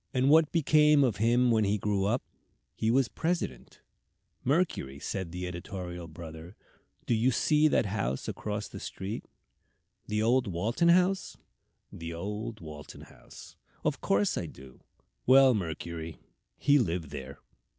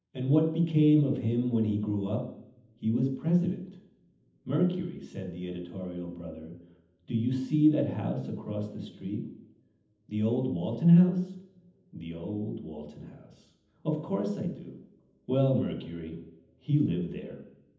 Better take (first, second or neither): first